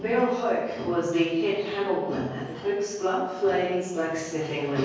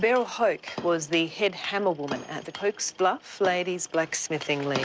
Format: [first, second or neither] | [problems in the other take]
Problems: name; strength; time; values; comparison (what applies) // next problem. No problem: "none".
second | room echo; dies away in 1.3 s